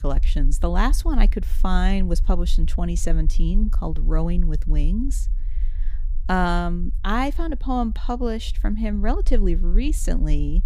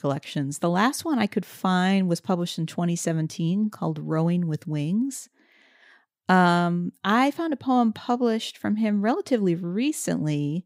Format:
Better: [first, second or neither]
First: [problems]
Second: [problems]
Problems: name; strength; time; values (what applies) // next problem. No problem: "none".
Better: second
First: low rumble; faint; throughout; 20 dB below the speech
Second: none